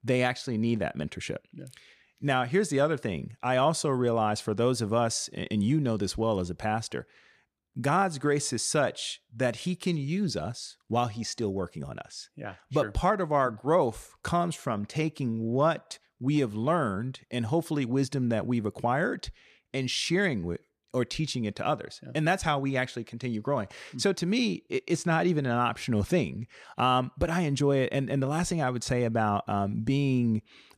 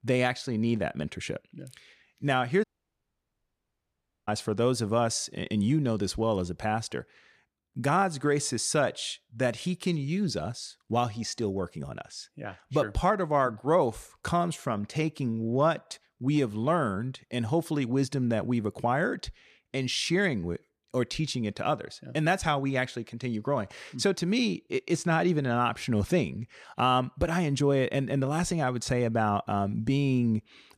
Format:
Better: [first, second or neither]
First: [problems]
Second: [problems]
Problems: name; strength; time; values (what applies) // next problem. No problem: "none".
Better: first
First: none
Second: audio cutting out; at 2.5 s for 1.5 s